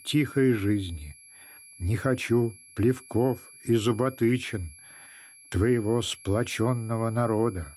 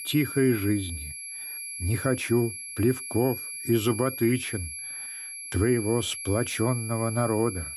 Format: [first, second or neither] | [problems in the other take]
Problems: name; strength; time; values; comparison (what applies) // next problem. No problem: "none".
first | high-pitched whine; loud; throughout; 11 kHz, 7 dB below the speech; faint in the first